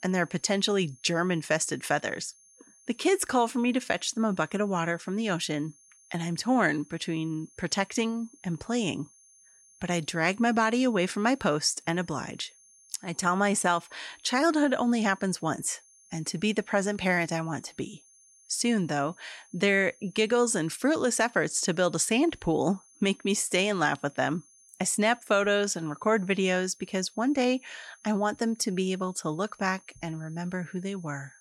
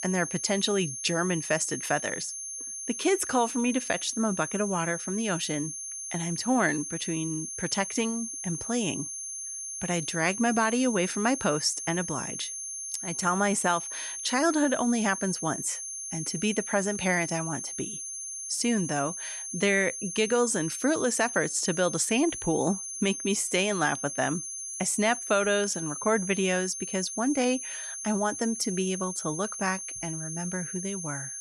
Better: first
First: high-pitched whine; faint; throughout; 6.5 kHz, 30 dB below the speech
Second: high-pitched whine; loud; throughout; 6.5 kHz, 6 dB below the speech

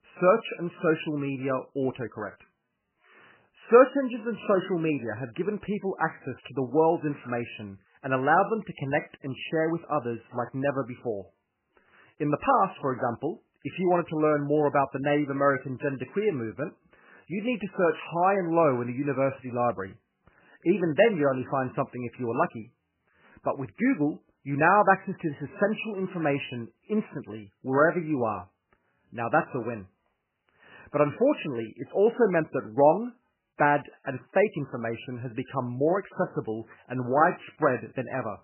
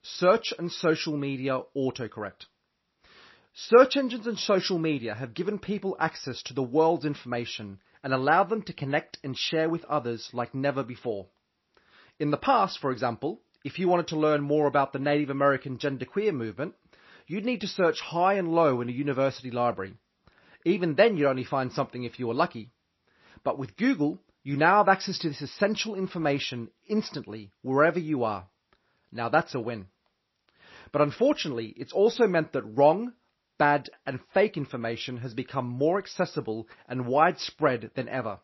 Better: second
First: garbled, watery; badly; nothing above 3 kHz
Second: garbled, watery; slightly; nothing above 5.5 kHz

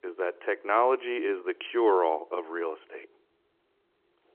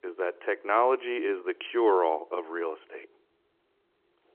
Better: neither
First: phone-call audio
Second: phone-call audio

